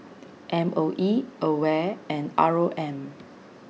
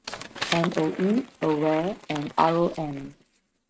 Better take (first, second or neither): first